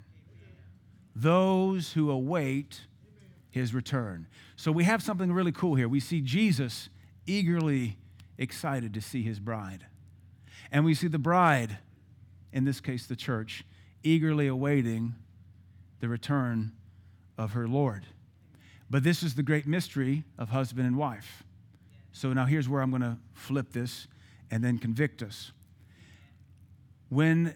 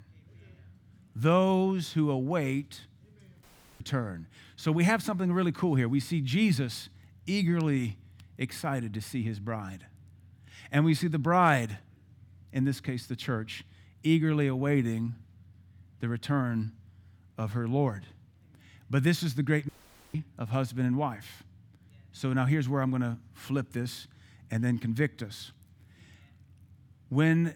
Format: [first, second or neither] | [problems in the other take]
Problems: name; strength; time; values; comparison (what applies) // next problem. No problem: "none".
first | audio cutting out; at 3.5 s and at 20 s